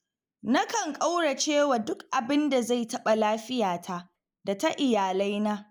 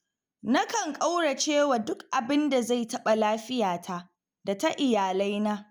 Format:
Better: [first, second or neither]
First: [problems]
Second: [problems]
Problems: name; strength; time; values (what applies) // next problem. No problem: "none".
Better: second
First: noise reduction (neural mask model Resemble Enhance denoiser)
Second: none